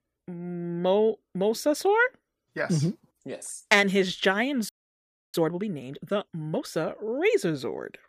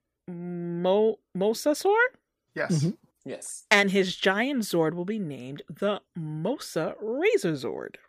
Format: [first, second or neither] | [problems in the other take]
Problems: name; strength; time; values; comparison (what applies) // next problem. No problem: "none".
second | audio freezing; at 4.5 s for 0.5 s